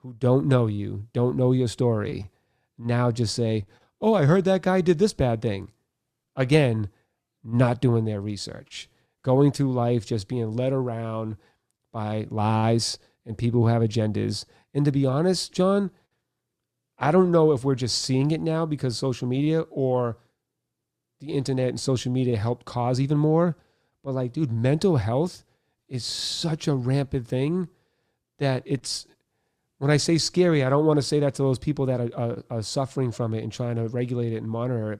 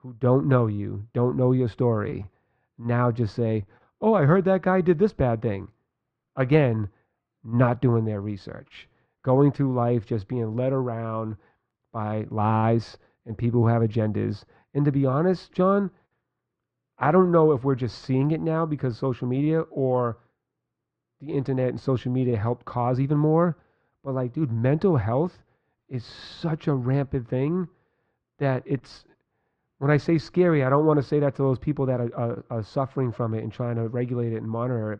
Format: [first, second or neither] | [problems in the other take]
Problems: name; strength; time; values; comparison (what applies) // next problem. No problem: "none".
first | muffled; very; fading above 2 kHz